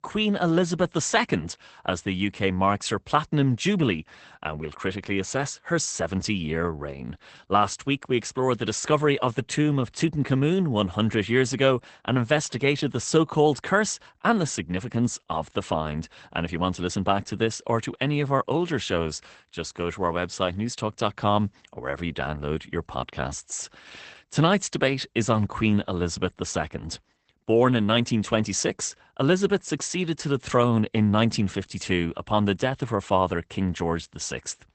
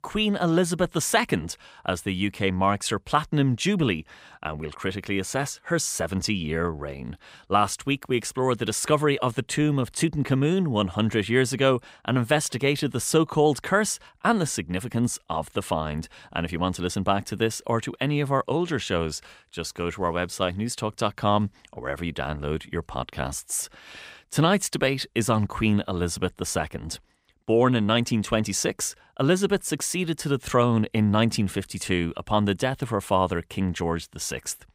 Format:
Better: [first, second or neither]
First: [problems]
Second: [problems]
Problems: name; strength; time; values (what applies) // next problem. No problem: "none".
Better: second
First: garbled, watery; badly; nothing above 8 kHz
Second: none